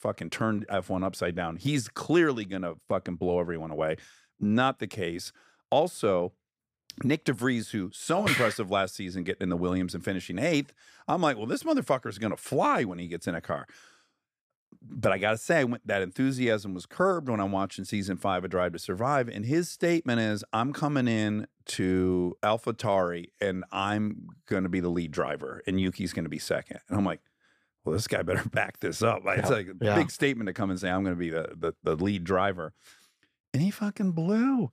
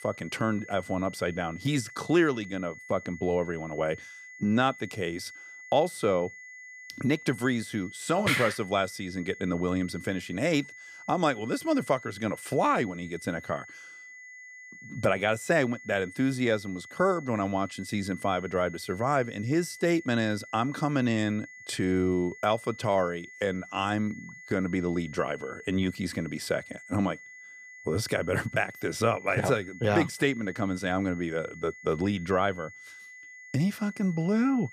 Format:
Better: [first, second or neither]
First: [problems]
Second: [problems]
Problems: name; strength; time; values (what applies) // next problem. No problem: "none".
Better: first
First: none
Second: high-pitched whine; noticeable; throughout; 2 kHz, 15 dB below the speech